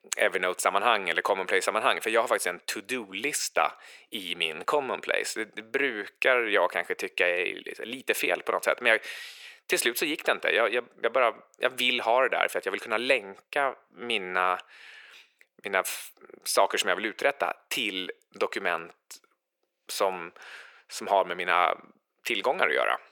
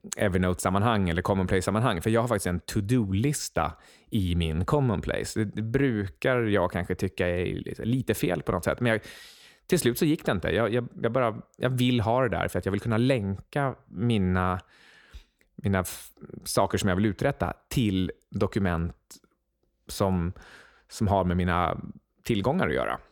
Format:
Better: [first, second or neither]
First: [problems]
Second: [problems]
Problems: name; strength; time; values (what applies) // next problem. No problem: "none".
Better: second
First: thin; very; fading below 450 Hz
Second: none